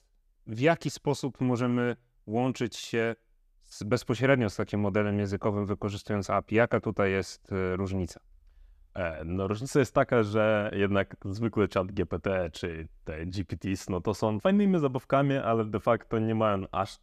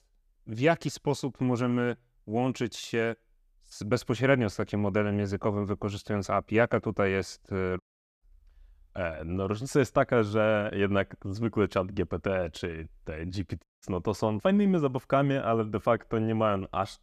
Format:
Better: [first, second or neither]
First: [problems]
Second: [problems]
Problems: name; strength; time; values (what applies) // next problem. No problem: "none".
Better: first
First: none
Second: audio cutting out; at 8 s and at 14 s